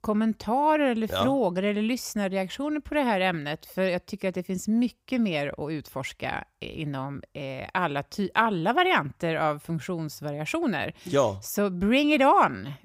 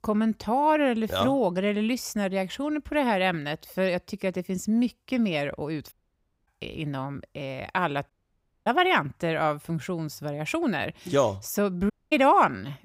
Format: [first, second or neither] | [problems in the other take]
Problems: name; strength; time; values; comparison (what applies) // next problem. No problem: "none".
first | audio cutting out; at 6 s for 0.5 s, at 8 s for 0.5 s and at 12 s